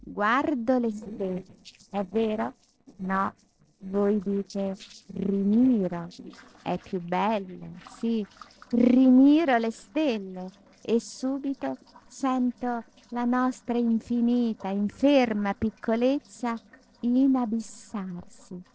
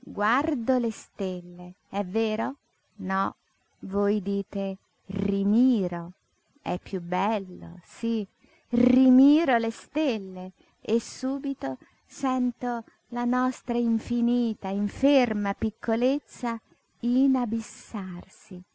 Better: second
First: noise reduction (neural separator model SepFormer DNS4)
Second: none

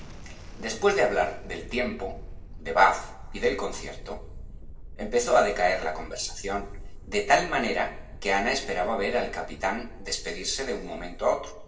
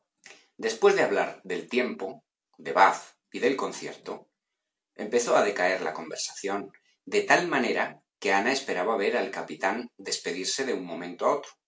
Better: second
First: background sound (Thunderstorm); 12 dB below the speech // room echo; dies away in 0.9 s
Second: none

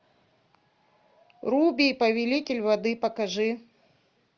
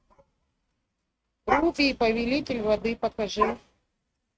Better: first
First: none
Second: noise reduction (neural mask model RNNoise)

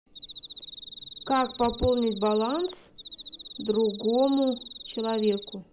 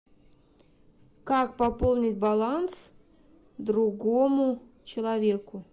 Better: second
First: background sound (Cricket); 14 dB below the speech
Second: none

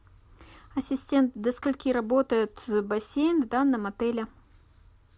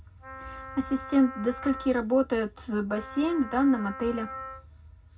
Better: first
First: none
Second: background sound (Wind instrument, woodwind instrument); 14 dB below the speech // room echo; dies away in 0.4 s

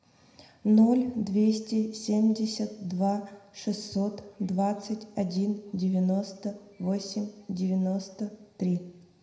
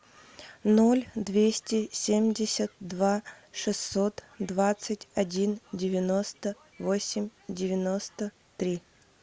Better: second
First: room echo; dies away in 0.6 s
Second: none

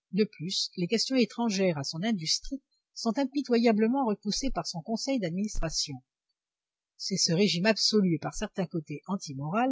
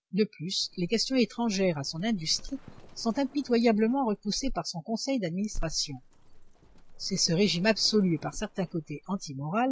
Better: first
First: none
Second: background sound (Livestock, farm animals, working animals); 20 dB below the speech

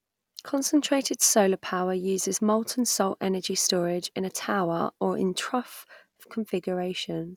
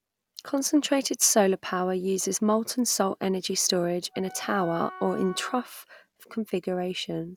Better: first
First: none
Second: background sound (Wind instrument, woodwind instrument); 16 dB below the speech

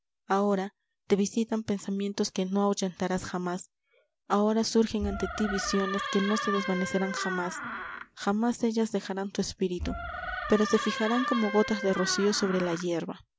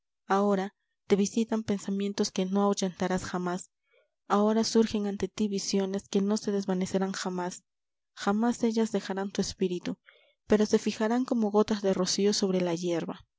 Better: second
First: background sound (Door); 6 dB below the speech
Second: none

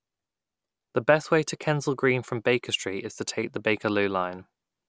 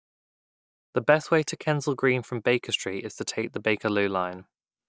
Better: first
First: none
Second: noise reduction (neural mask model DeepFilterNet 3)

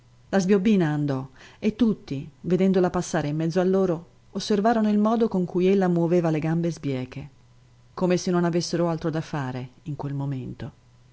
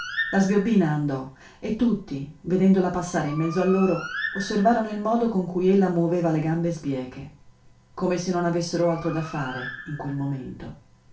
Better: first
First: none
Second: background sound (Bird); 15 dB below the speech // room echo; dies away in 0.3 s

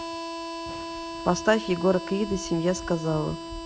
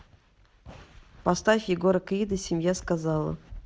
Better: second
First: background sound (Harmonica); 8 dB below the speech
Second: none

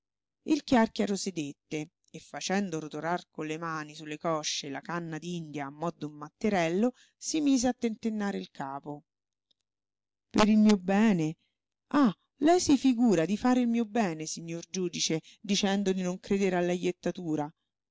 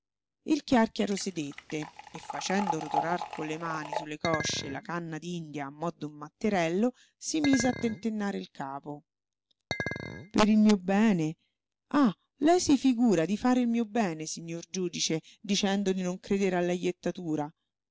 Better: first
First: none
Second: background sound (Chink, clink + Liquid); 8 dB below the speech

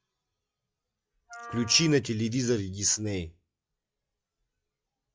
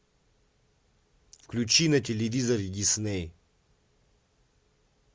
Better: second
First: noise reduction (classical method log-MMSE)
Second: none

